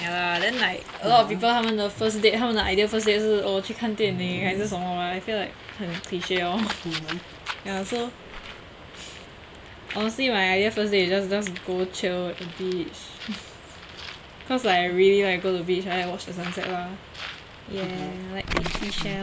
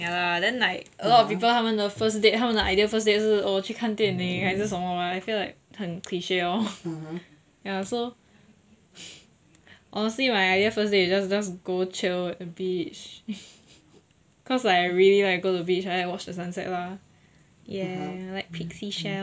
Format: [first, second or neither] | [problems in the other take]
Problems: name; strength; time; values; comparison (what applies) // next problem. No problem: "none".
second | background sound (Bird); 12 dB below the speech